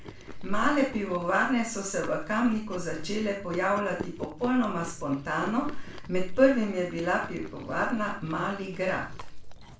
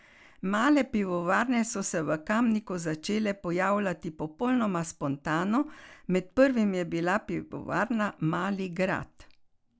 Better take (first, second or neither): second